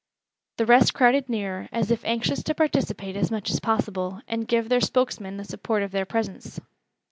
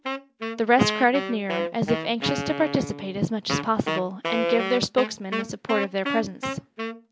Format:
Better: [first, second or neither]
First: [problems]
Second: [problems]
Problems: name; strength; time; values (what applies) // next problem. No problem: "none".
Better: first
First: none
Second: background sound (Wind instrument, woodwind instrument); 5 dB below the speech